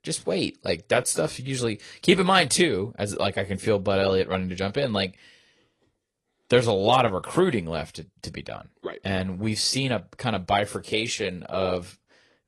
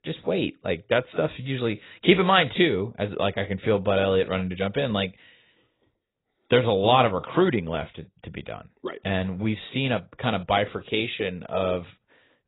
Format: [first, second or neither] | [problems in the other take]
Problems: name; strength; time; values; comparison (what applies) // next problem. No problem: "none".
first | garbled, watery; badly; nothing above 4 kHz; slightly in the first